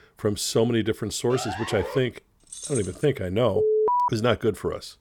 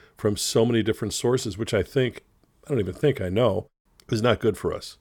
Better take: second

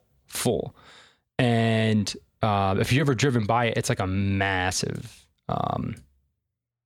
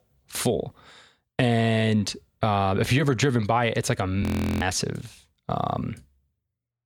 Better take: first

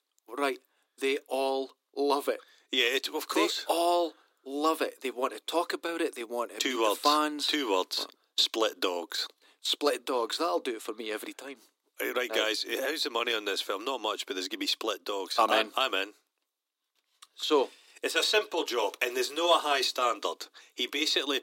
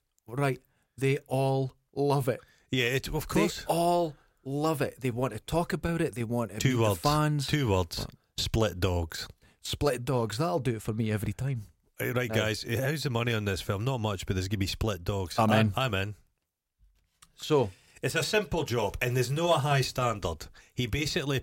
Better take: second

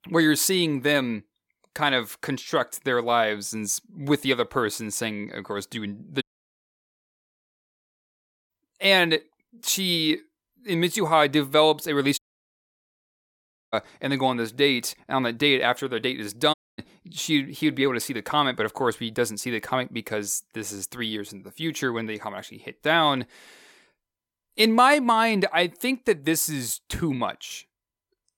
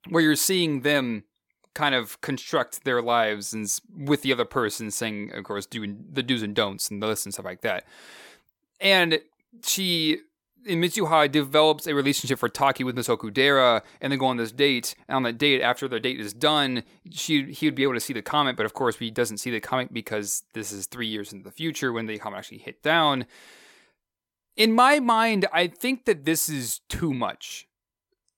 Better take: second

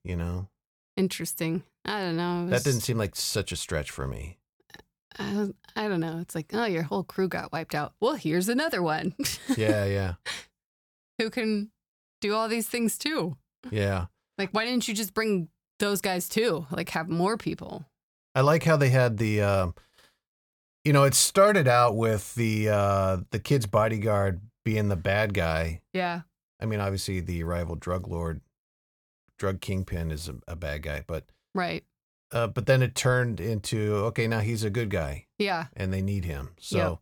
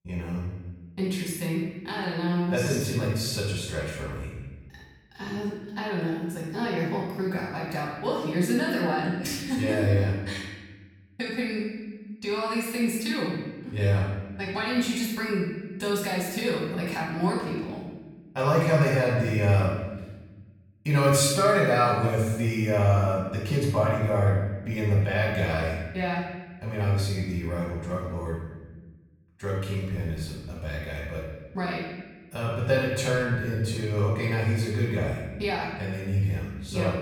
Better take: first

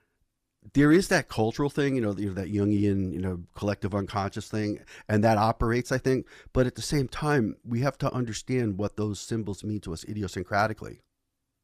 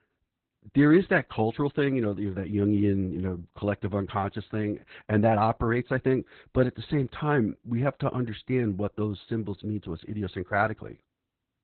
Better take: first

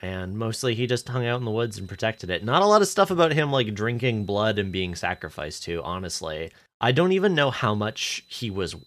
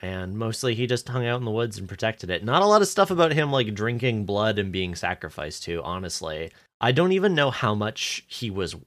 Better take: second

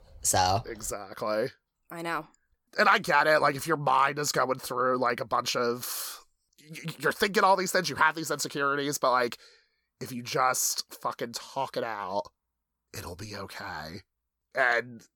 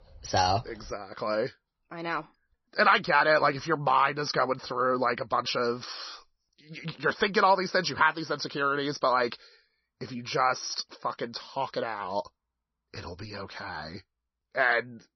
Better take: first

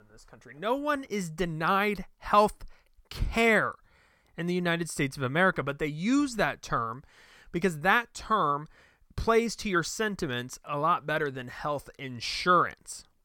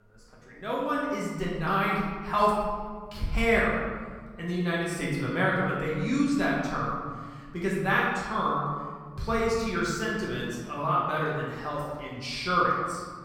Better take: first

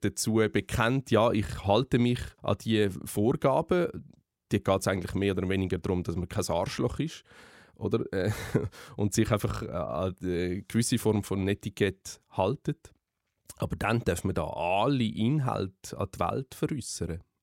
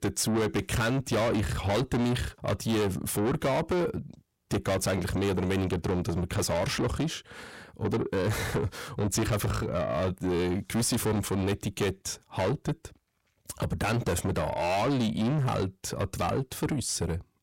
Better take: first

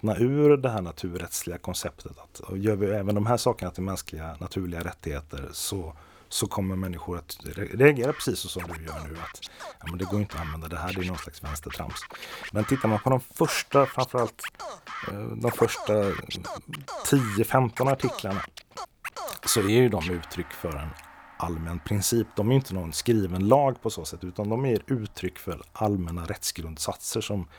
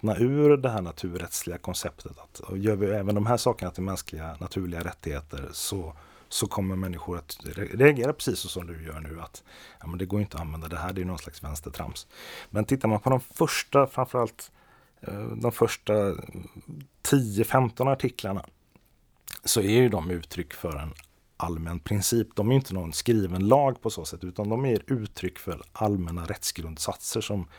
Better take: second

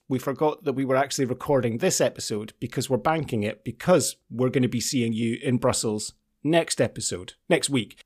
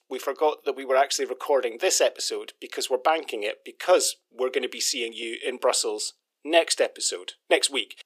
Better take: first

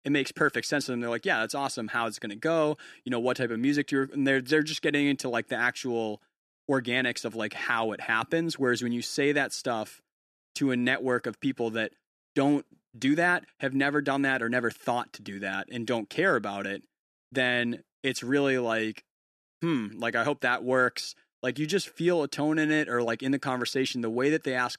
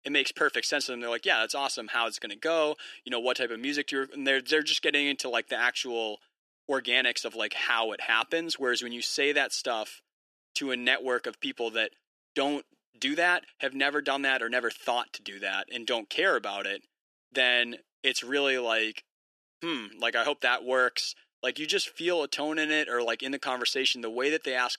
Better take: first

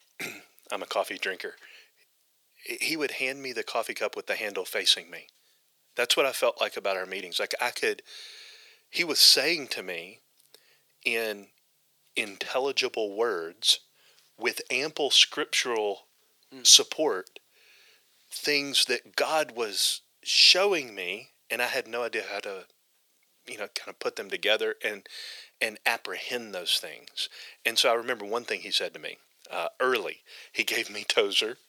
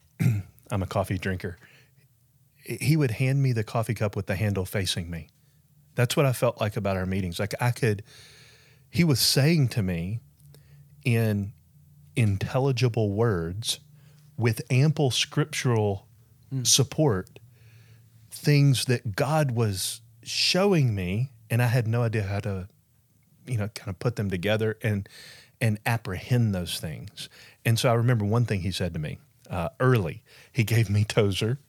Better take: second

